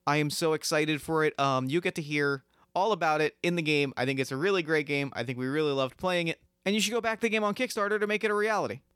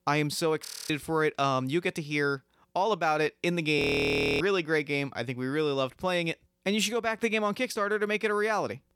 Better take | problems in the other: first | audio freezing; at 0.5 s and at 4 s for 0.5 s

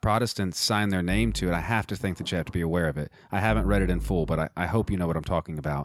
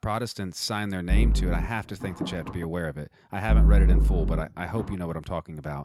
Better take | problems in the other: first | low rumble; loud; from 1 to 2.5 s and from 3.5 to 5 s; 7 dB below the speech; faint in the first

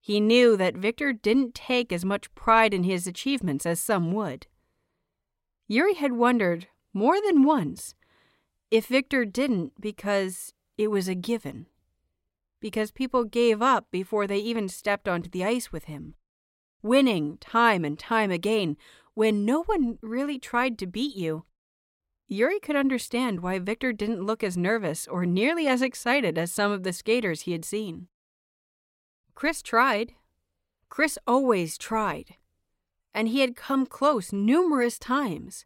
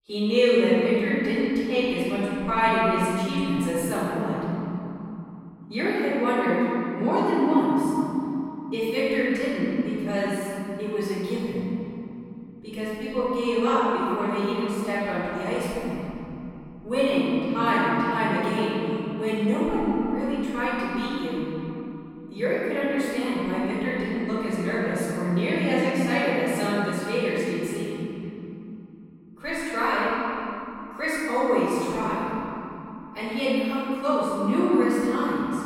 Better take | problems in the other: first | off-mic speech; far // room echo; strong; dies away in 3 s

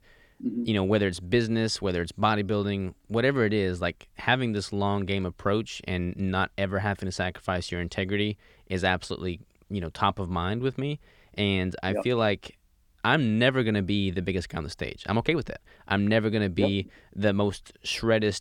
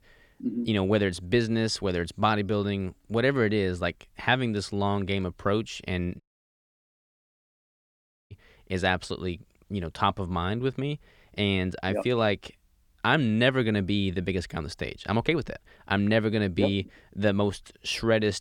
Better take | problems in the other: first | audio cutting out; at 6 s for 2 s

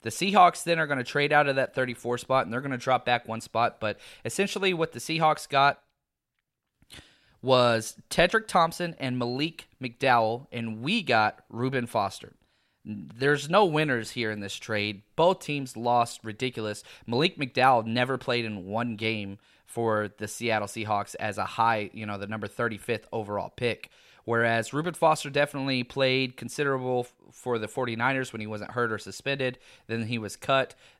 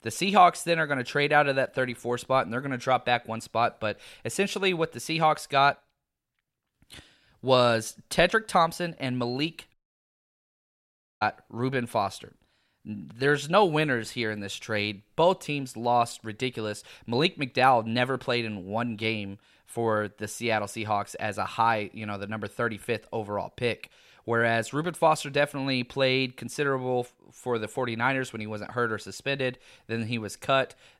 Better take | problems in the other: first | audio cutting out; at 9.5 s for 1.5 s

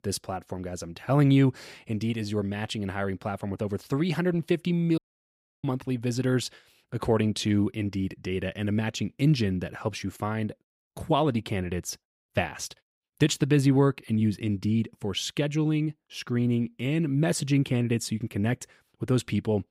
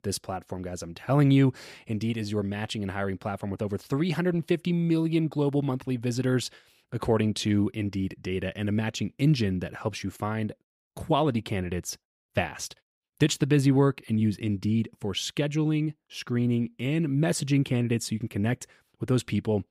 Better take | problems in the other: second | audio cutting out; at 5 s for 0.5 s

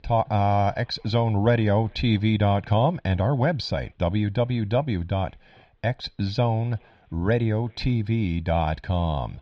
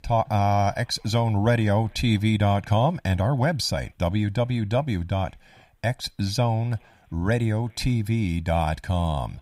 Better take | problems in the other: second | muffled; very slightly; fading above 4 kHz

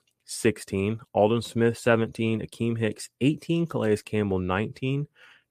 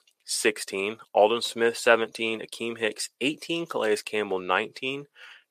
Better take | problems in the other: first | thin; somewhat; fading below 500 Hz

